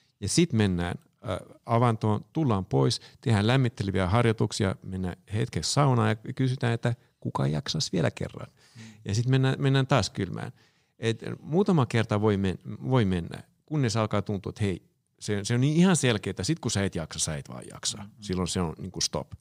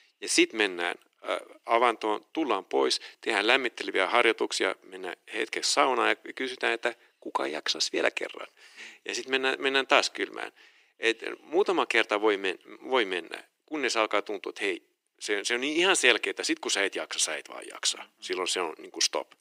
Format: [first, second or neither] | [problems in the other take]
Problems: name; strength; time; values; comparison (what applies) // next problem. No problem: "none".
first | thin; very; fading below 300 Hz